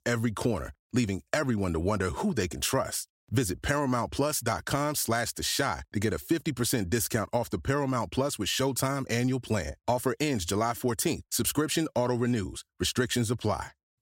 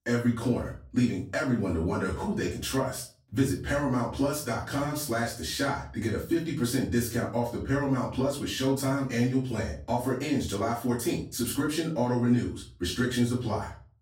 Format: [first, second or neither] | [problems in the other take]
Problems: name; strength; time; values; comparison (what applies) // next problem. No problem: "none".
first | off-mic speech; far // room echo; slight; dies away in 0.4 s